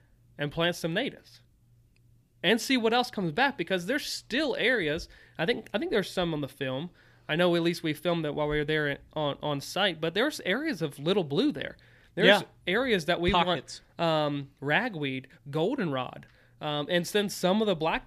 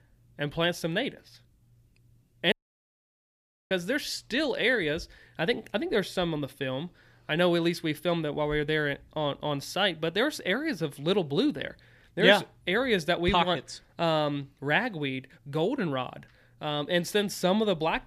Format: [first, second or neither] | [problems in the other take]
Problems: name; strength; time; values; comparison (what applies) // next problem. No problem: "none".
first | audio cutting out; at 2.5 s for 1 s